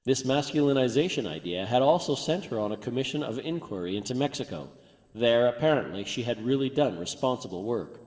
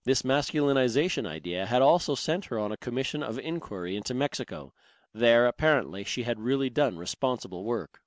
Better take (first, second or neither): second